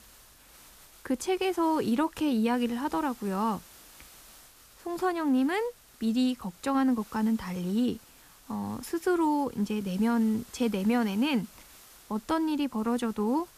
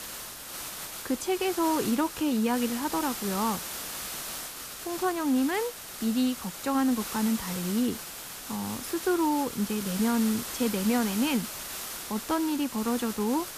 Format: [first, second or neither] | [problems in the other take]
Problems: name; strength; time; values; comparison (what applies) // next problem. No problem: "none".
first | hiss; loud; throughout; 7 dB below the speech; faint in the first